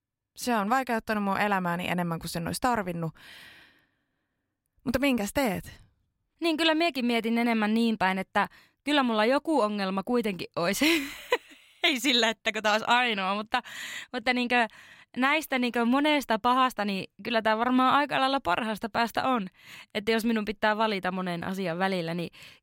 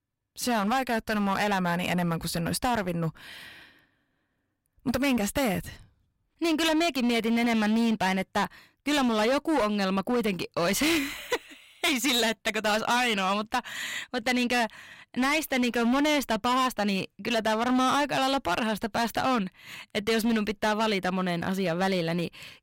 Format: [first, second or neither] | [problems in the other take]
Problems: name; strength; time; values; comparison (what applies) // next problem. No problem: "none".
first | distortion; heavy; 15% of the sound clipped